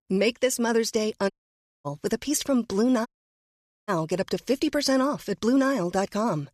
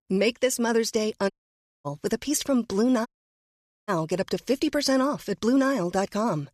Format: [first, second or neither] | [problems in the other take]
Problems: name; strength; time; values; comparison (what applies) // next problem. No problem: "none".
neither | audio cutting out; at 1.5 s for 0.5 s and at 3 s for 1 s; the same in both